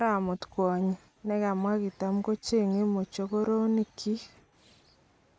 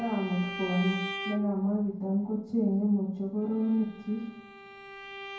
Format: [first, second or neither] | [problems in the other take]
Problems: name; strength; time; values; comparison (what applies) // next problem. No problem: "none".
first | background sound (Bowed string instrument); 12 dB below the speech // room echo; dies away in 0.9 s